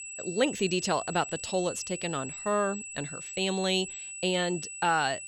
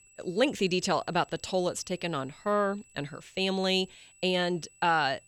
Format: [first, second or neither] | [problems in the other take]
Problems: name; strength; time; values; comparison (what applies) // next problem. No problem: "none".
second | high-pitched whine; loud; throughout; 8 kHz, 8 dB below the speech; faint in the second